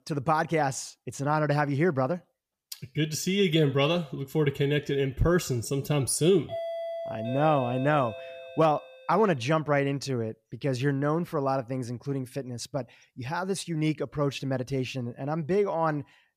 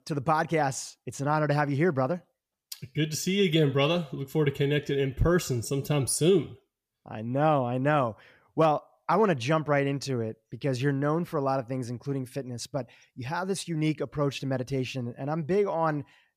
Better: second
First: doorbell; noticeable; from 6.5 to 9 s; peak 6 dB below the speech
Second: none

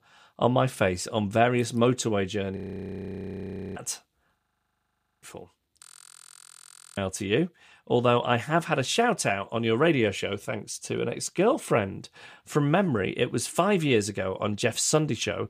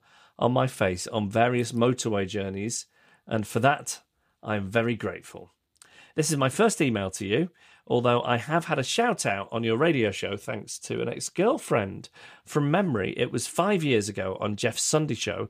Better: second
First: audio freezing; at 2.5 s for 1 s, at 4.5 s for 1 s and at 6 s for 1 s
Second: none

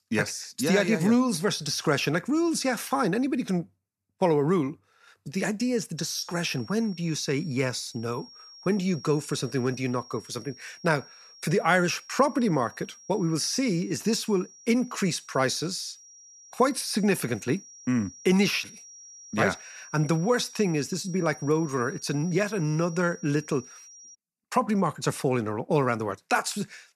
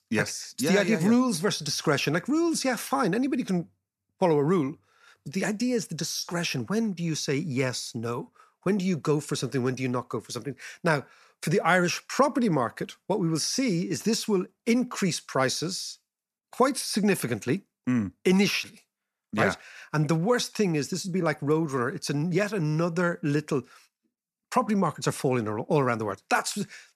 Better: second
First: high-pitched whine; noticeable; from 6 to 24 s; 5.5 kHz, 20 dB below the speech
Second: none

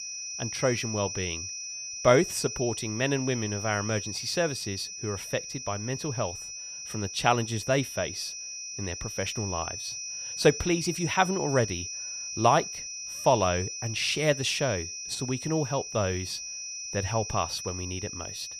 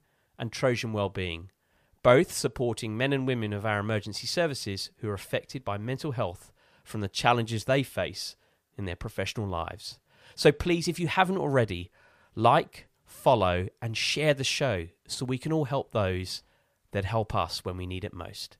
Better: second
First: high-pitched whine; loud; throughout; 6 kHz, 6 dB below the speech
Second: none

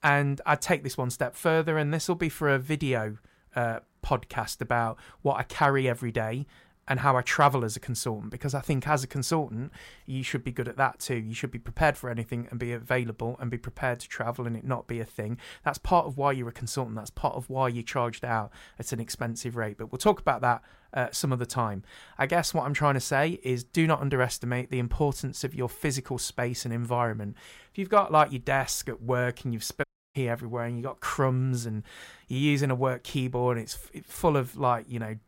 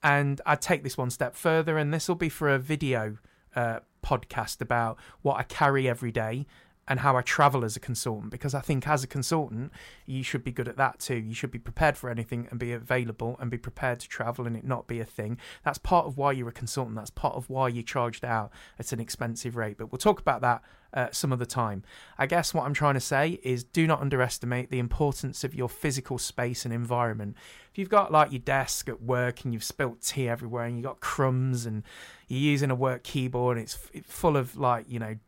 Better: second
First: audio cutting out; at 30 s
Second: none

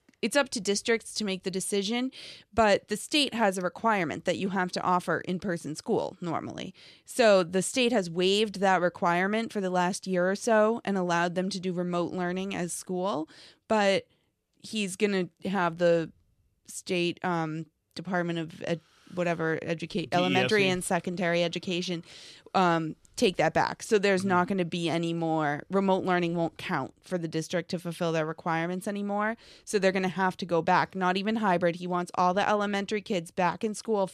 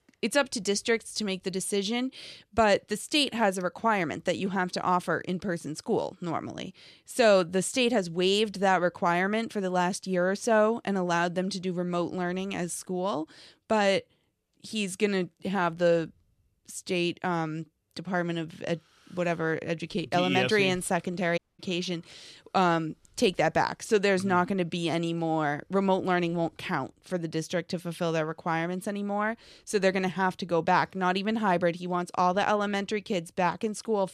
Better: first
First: none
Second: audio cutting out; at 21 s

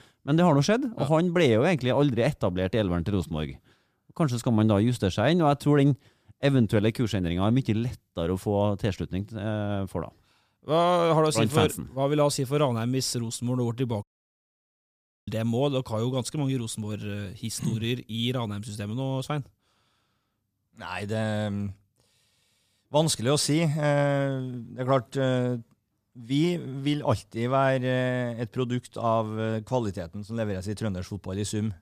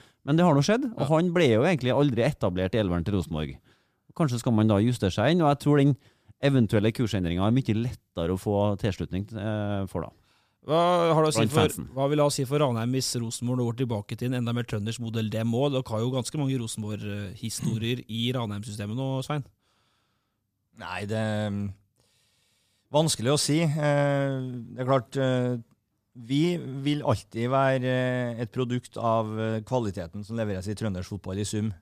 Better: second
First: audio cutting out; at 14 s for 1 s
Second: none

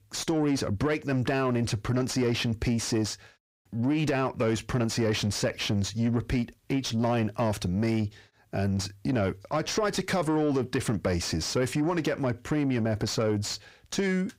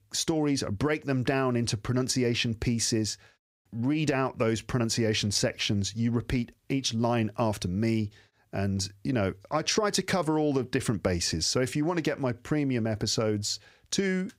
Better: second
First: distortion; slight; 10 dB below the speech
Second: none

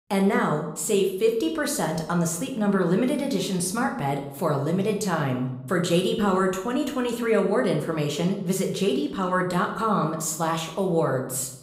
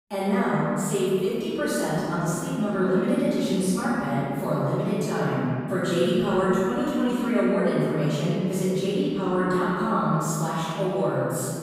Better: first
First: room echo; slight; dies away in 0.7 s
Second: room echo; strong; dies away in 2.6 s // off-mic speech; far

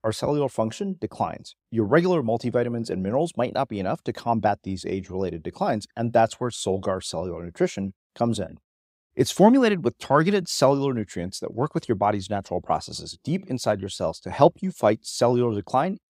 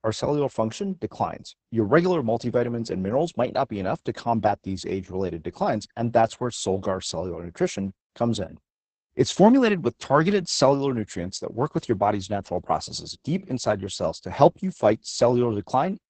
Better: first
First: none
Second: garbled, watery; badly; nothing above 8 kHz

